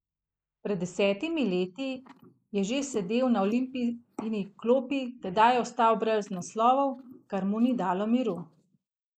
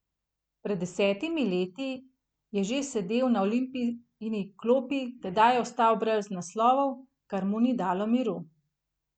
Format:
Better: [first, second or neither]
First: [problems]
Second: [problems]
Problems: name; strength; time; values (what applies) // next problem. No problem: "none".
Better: second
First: noise reduction (neural mask model Resemble Enhance denoiser)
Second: none